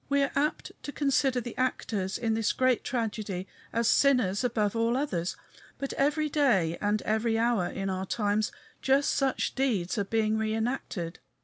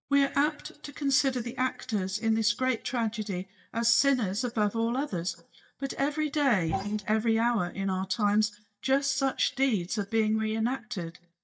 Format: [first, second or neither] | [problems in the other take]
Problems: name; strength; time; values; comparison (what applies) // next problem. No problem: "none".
first | noise reduction (neural mask model DeepFilterNet 3)